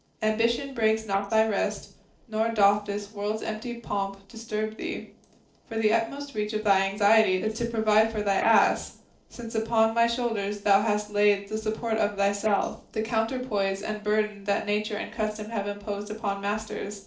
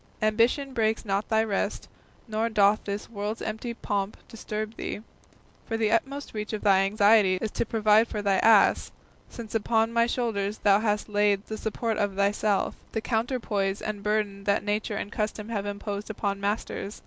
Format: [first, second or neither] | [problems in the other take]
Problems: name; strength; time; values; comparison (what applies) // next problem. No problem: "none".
second | noise reduction (neural separator model SepFormer DNS4)